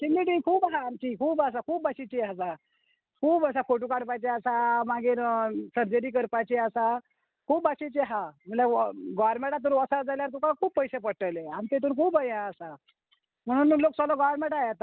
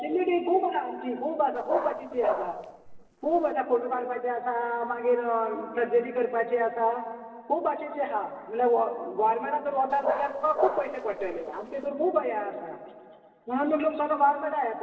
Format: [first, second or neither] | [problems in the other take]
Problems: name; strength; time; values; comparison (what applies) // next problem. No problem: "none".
first | noise reduction (neural separator model SepFormer DNS4)